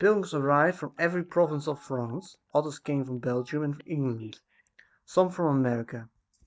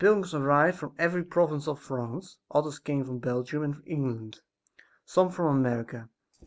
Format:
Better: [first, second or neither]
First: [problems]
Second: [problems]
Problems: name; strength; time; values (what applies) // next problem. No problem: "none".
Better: second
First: noise reduction (neural mask model DeepFilterNet 3)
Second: none